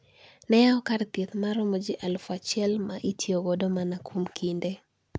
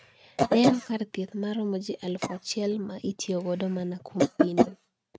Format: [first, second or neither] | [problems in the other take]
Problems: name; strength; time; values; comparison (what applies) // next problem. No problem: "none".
first | noise reduction (neural mask model RNNoise)